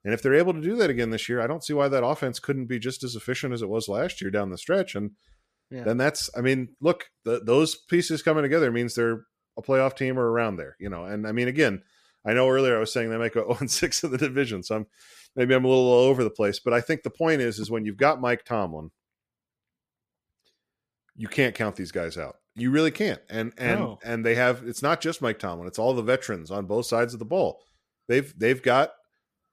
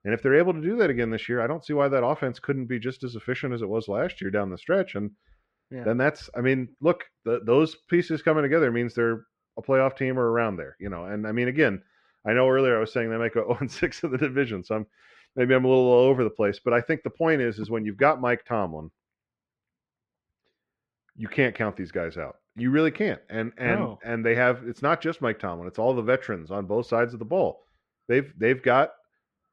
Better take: first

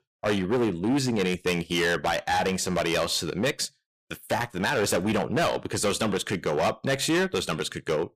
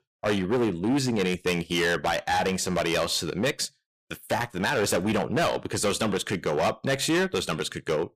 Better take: neither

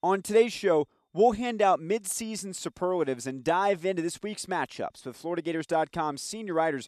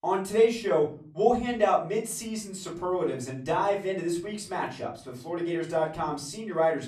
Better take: first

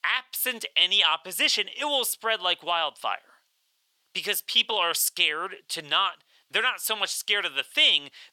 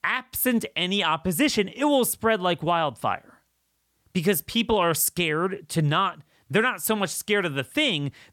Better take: second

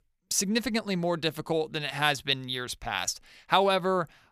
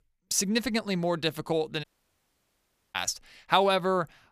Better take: first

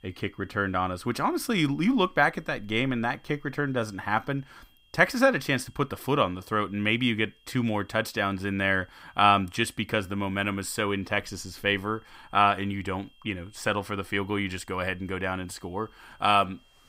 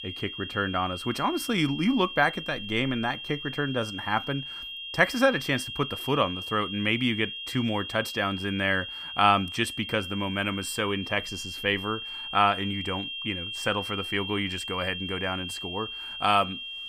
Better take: first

